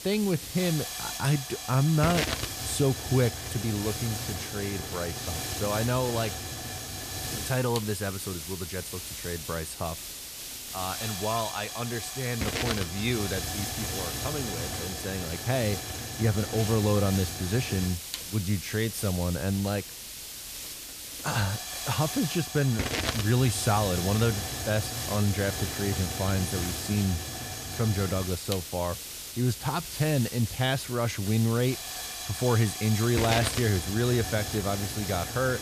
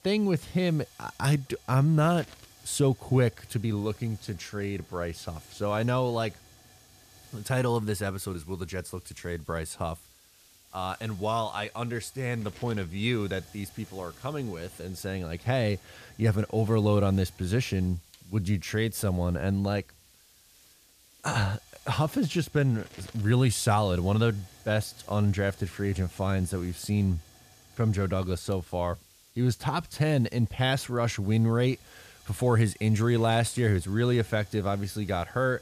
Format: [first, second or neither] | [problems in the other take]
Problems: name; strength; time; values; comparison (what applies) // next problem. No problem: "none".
second | hiss; loud; throughout; 4 dB below the speech; faint in the second